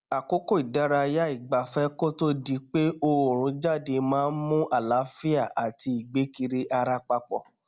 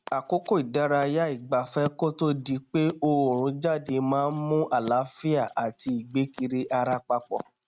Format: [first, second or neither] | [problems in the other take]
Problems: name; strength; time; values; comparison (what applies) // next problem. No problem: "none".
first | noise reduction (neural mask model RNNoise)